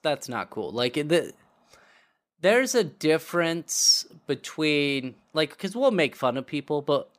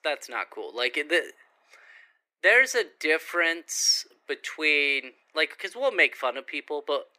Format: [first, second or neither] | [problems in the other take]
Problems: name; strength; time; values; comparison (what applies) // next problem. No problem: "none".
first | thin; very; fading below 350 Hz